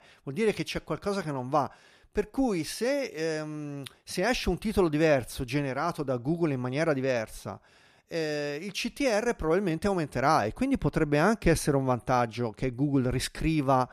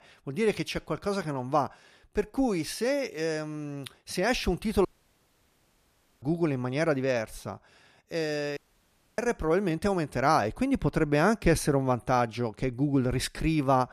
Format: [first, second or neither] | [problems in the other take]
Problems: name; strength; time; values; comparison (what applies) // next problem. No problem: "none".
first | audio cutting out; at 5 s for 1.5 s and at 8.5 s for 0.5 s